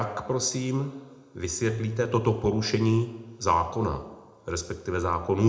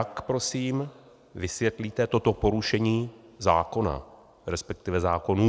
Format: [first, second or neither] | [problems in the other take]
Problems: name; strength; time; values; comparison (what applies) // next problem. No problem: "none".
second | background sound (Keyboard (musical)); 17 dB below the speech // room echo; dies away in 0.6 s